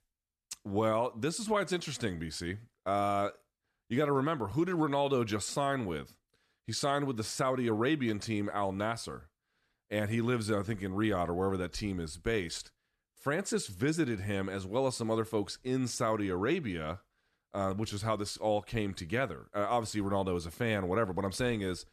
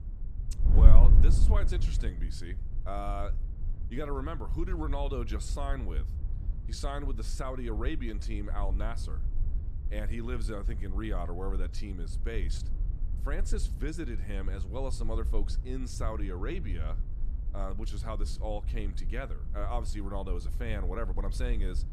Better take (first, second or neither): first